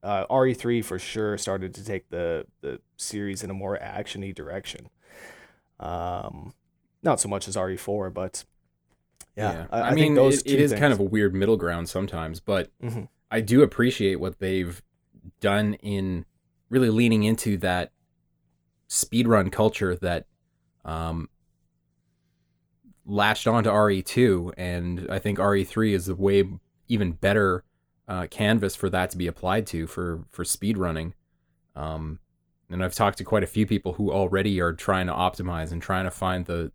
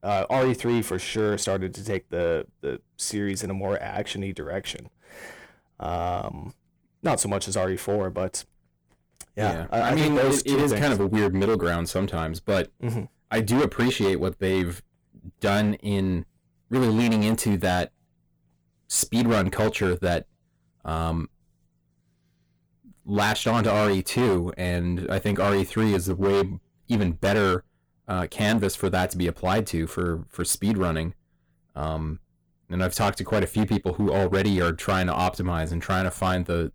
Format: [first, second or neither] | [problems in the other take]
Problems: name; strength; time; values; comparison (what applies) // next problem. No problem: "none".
first | distortion; heavy; 10% of the sound clipped